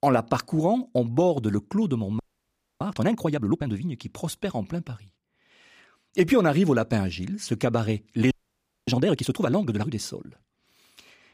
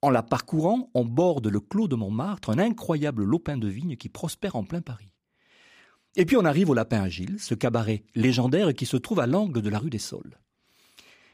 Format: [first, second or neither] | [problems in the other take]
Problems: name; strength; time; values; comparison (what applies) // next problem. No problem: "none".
second | audio freezing; at 2 s for 0.5 s and at 8.5 s for 0.5 s